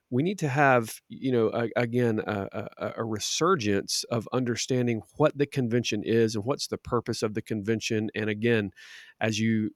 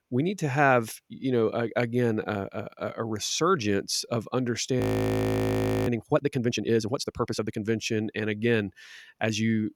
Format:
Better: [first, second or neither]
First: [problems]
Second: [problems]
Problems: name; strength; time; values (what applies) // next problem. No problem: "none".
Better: first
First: none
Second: audio freezing; at 5 s for 1 s